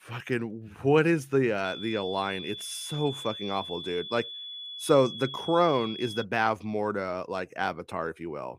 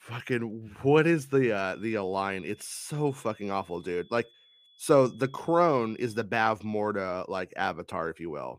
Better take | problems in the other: second | high-pitched whine; loud; from 1.5 to 6 s; 3.5 kHz, 9 dB below the speech; faint in the second

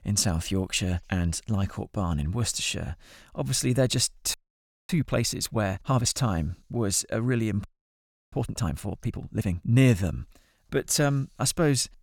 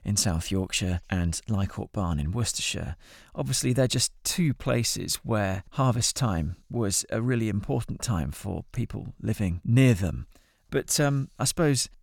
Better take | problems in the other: second | audio freezing; at 4.5 s for 0.5 s and at 7.5 s for 0.5 s

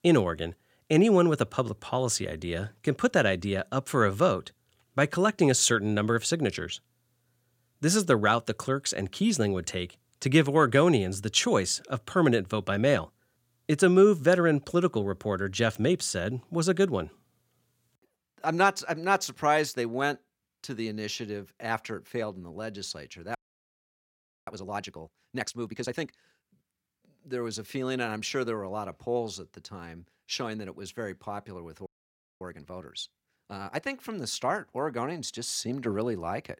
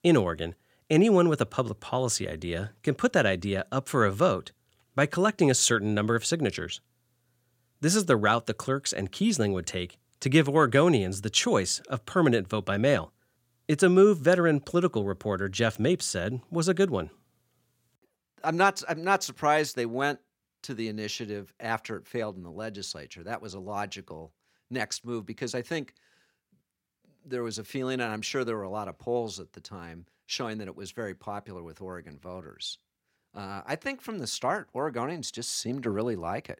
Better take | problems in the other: second | audio freezing; at 23 s for 1 s and at 32 s for 0.5 s

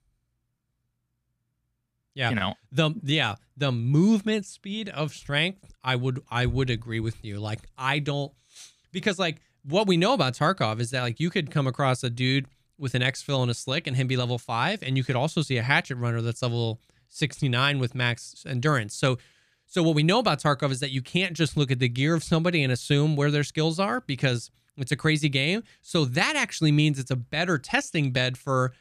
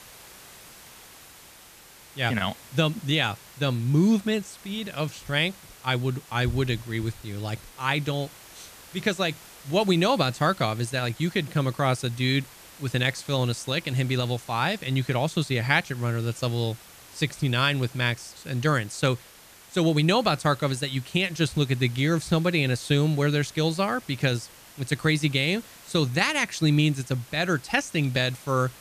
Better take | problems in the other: first | hiss; faint; throughout; 20 dB below the speech

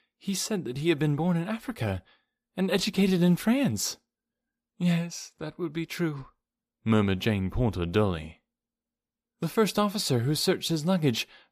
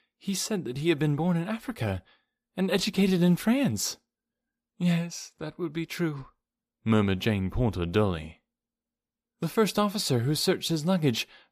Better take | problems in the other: neither | none

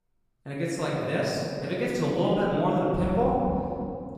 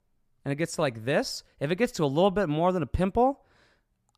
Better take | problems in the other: second | off-mic speech; far // room echo; strong; dies away in 2.5 s

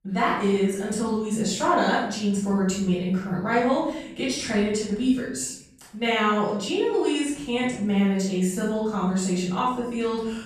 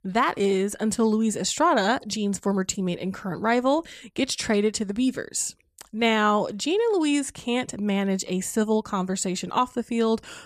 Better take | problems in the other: second | off-mic speech; far // room echo; noticeable; dies away in 0.8 s

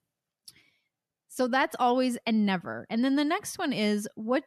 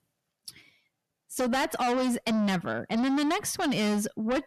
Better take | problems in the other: first | distortion; heavy; 7 dB below the speech

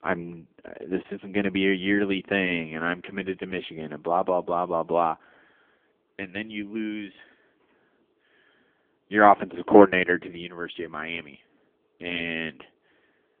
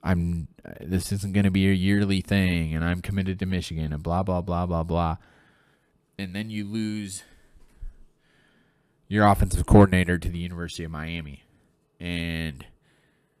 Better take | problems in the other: second | phone-call audio; poor line; nothing above 3.5 kHz

